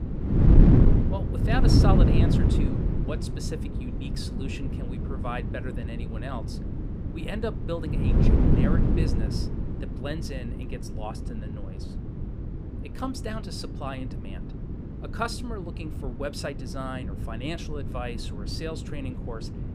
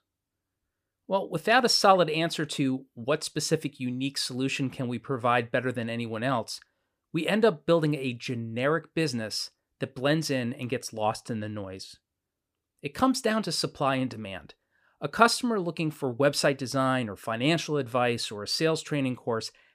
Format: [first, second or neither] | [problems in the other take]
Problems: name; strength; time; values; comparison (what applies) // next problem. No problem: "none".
second | wind noise on the microphone; heavy; as loud as the speech